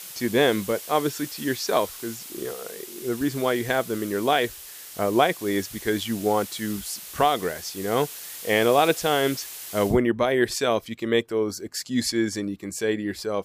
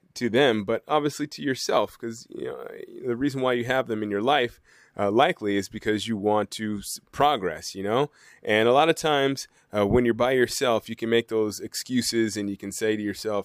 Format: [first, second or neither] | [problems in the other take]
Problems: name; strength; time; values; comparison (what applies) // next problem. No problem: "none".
second | hiss; noticeable; until 10 s; 10 dB below the speech